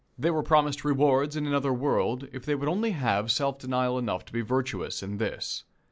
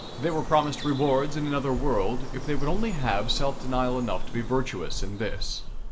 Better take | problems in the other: first | background sound (Bird vocalization, bird call, bird song); 1 dB below the speech // room echo; dies away in 0.3 s

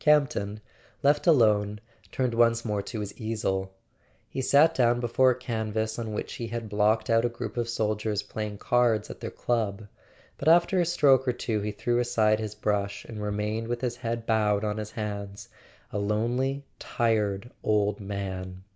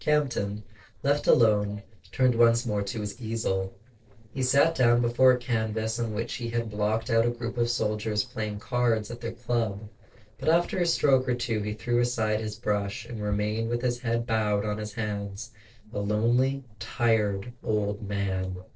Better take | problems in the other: first | noise reduction (neural separator model SepFormer DNS4)

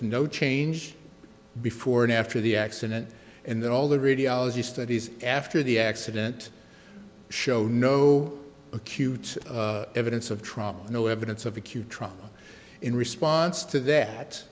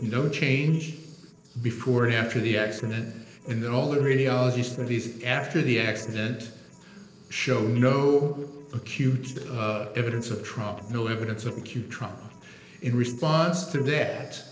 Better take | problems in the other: first | noise reduction (neural separator model SepFormer DNS4)

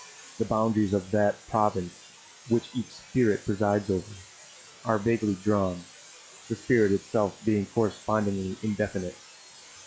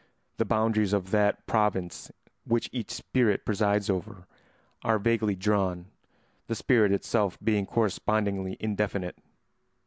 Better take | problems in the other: second | noise reduction (classical method log-MMSE)

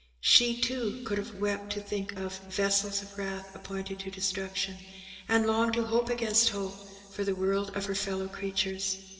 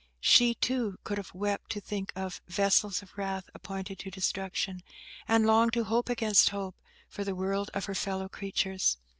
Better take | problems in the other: second | room echo; dies away in 2.4 s

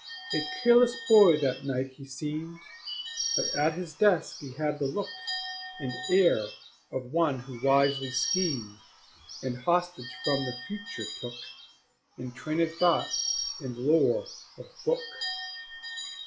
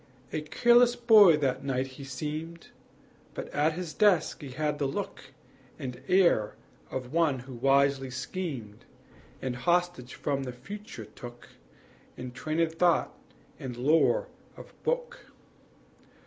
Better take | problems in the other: second | noise reduction (classical method log-MMSE)

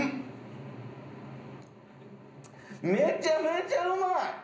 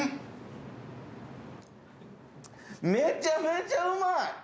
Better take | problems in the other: second | room echo; dies away in 0.5 s

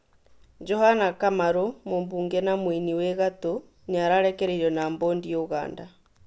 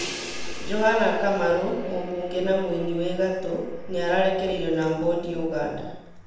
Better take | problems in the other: first | background sound (Crash cymbal); 16 dB below the speech // room echo; dies away in 0.7 s

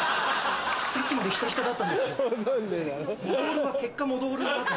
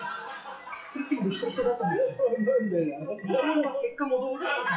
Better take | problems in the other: first | noise reduction (classical method WPE with log-MMSE)

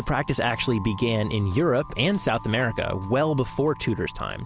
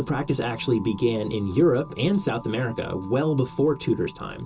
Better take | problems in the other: first | room echo; dies away in 0.2 s

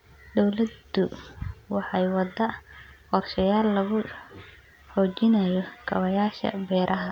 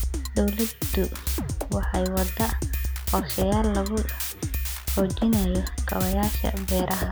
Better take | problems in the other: first | background sound (Drum kit); as loud as the speech

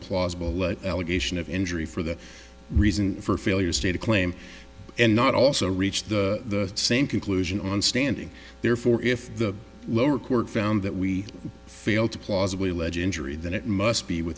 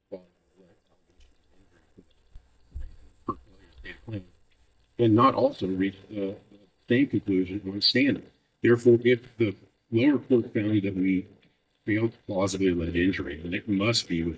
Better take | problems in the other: first | noise reduction (neural mask model DeepFilterNet 3)

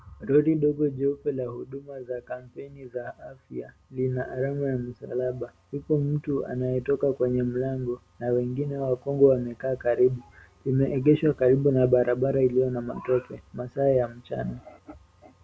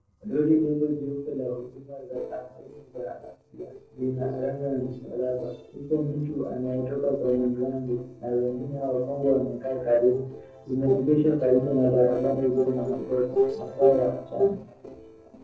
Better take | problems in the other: first | noise reduction (neural separator model SepFormer DNS4)

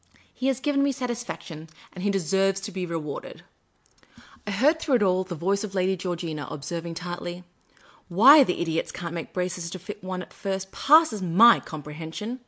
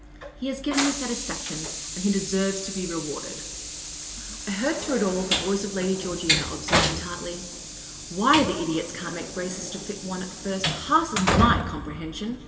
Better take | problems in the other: first | background sound (Train); 2 dB below the speech // room echo; dies away in 1.9 s

